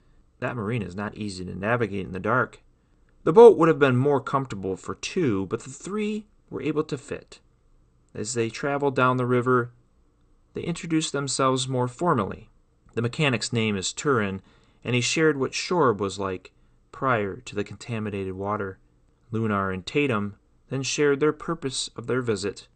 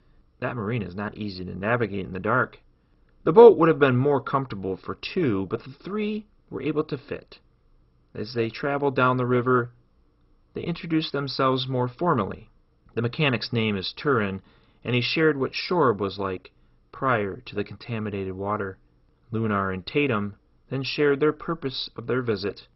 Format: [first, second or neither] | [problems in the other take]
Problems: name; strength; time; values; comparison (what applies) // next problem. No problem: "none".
first | garbled, watery; badly; nothing above 5.5 kHz; slightly in the first